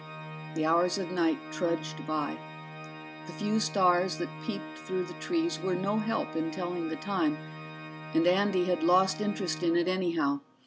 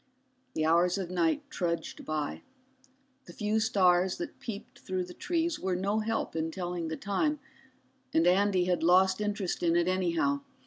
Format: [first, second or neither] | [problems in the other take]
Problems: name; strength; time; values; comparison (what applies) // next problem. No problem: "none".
second | background sound (Organ); 12 dB below the speech